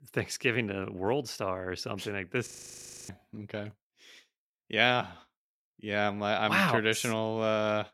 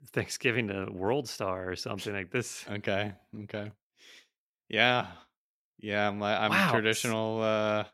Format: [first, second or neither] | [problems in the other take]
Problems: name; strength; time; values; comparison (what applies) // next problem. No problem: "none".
second | audio freezing; at 2.5 s for 0.5 s